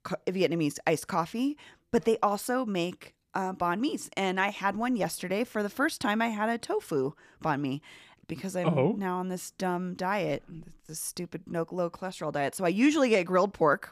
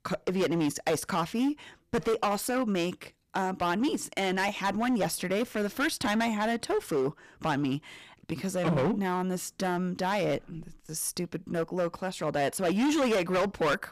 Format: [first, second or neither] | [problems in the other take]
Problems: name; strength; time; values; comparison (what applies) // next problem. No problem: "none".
first | distortion; heavy; 12% of the sound clipped